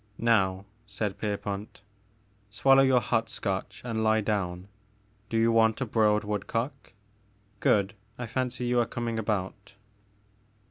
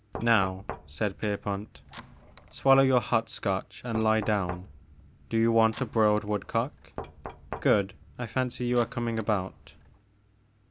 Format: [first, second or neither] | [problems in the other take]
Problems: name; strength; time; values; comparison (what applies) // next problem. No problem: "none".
first | background sound (Knock); 16 dB below the speech